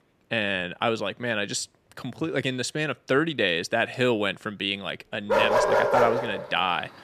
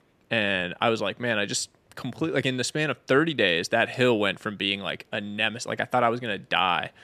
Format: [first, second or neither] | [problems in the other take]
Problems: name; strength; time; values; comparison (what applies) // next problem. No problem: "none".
second | animal sounds; very loud; from 5 s on; 3 dB above the speech